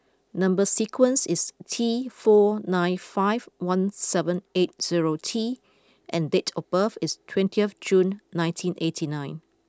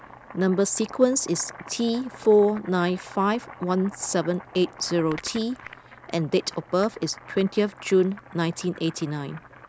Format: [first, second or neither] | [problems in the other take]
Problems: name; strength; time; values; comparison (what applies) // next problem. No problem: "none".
first | background sound (Boiling); 19 dB below the speech